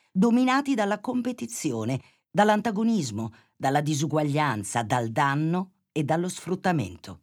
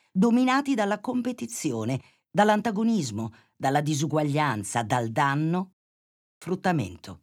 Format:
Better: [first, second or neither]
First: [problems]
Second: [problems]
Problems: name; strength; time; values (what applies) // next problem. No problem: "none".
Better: first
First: none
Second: audio cutting out; at 5.5 s for 0.5 s